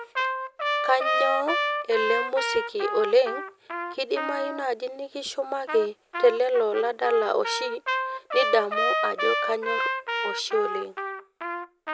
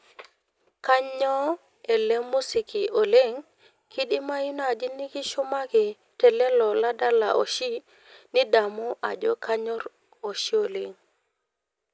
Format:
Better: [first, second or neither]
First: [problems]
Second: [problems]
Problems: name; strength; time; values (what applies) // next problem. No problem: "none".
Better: second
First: background sound (Trumpet); 3 dB below the speech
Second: none